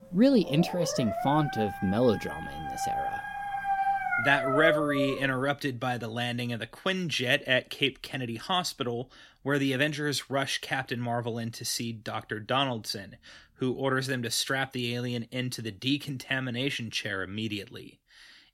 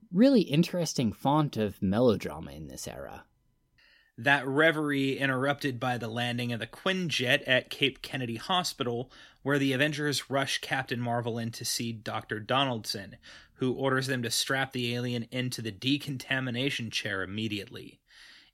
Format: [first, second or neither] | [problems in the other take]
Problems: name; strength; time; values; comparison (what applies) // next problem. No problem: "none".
second | dog barking; loud; until 5.5 s; peak 2 dB above the speech